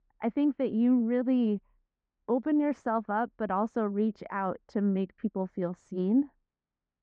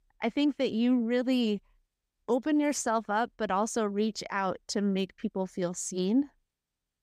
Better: second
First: muffled; very; fading above 1.5 kHz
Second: none

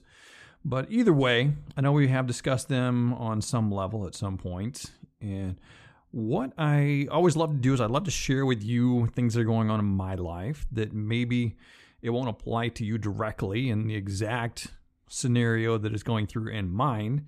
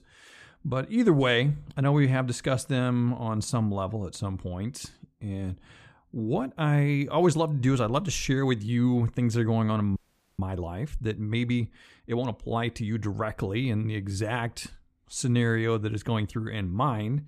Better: first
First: none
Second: audio freezing; at 10 s

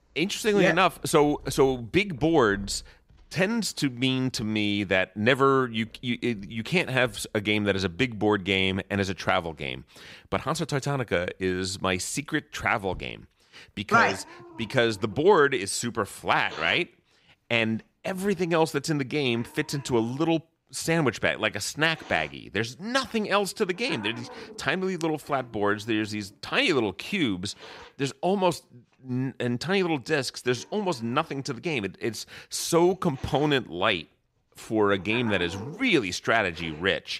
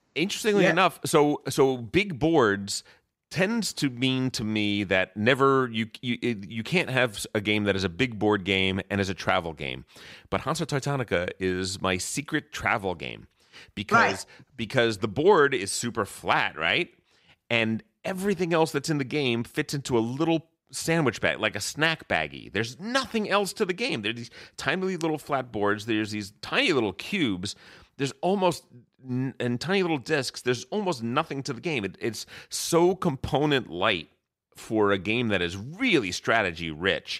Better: second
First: animal sounds; faint; throughout; 20 dB below the speech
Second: none

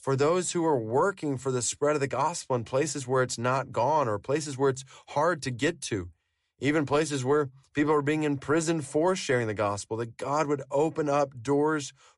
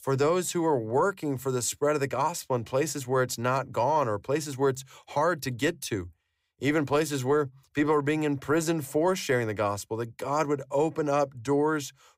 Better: second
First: garbled, watery; slightly; nothing above 11 kHz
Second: none

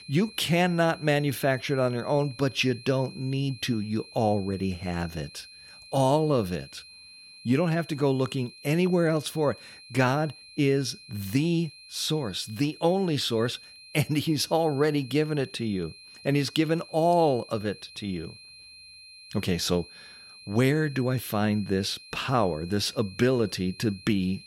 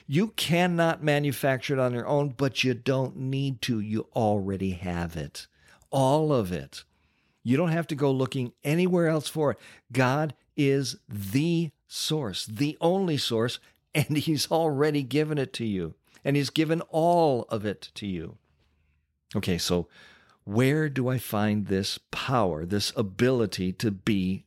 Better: second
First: high-pitched whine; noticeable; throughout; 4 kHz, 20 dB below the speech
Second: none

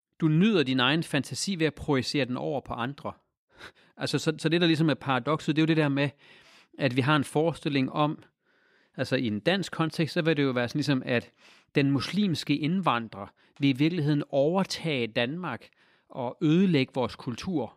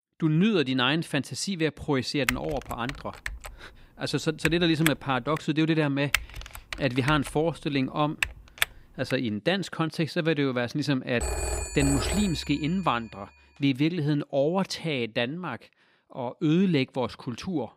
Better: first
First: none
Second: keyboard typing; noticeable; from 2.5 to 5.5 s and from 6 to 9 s; peak 1 dB below the speech // phone ringing; noticeable; from 11 to 13 s; peak 2 dB below the speech

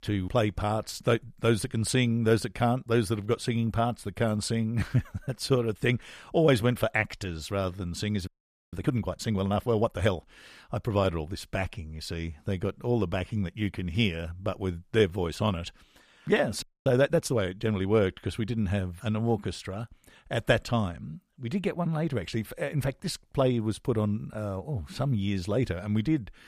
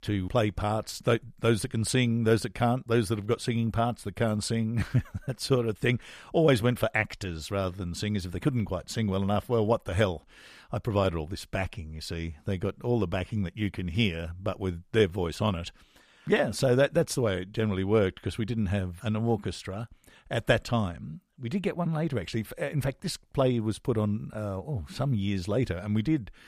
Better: second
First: audio freezing; at 8.5 s and at 17 s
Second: none

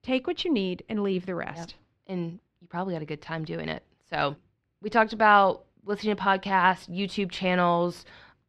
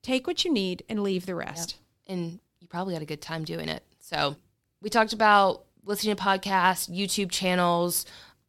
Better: second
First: muffled; slightly; fading above 2.5 kHz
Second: none

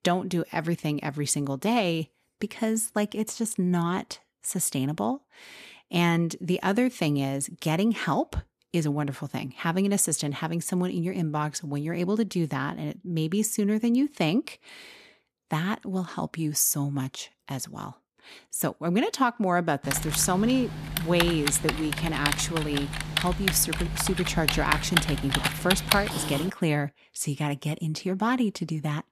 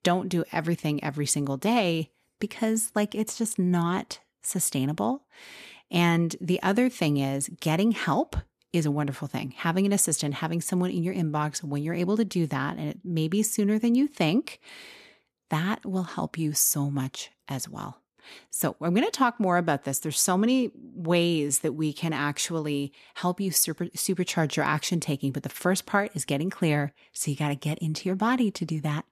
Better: second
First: keyboard typing; loud; from 20 to 26 s; peak 3 dB above the speech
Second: none

